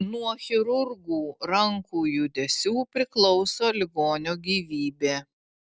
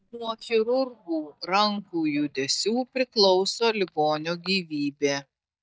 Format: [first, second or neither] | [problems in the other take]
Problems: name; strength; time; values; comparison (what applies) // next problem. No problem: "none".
first | noise reduction (neural mask model DeepFilterNet 3)